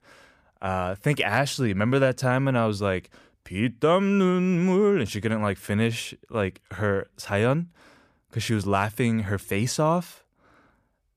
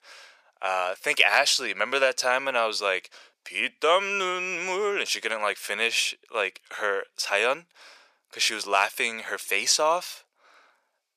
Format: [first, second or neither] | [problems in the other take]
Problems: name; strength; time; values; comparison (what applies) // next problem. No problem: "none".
first | thin; very; fading below 550 Hz